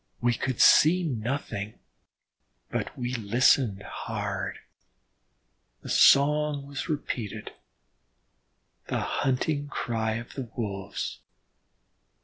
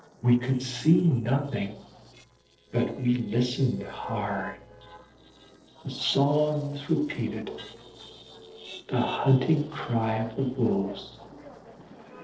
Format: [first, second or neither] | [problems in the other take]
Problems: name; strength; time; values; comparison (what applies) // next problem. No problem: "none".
first | noise reduction (neural separator model SepFormer DNS4)